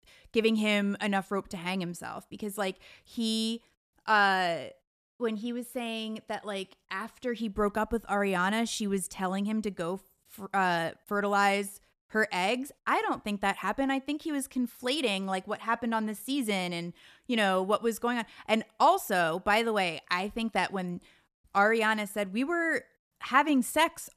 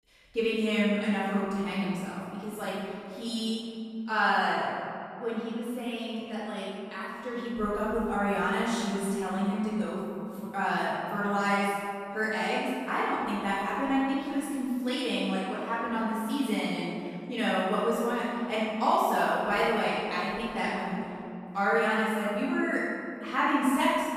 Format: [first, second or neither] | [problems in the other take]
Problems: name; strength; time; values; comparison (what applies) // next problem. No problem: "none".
first | off-mic speech; far // room echo; strong; dies away in 2.4 s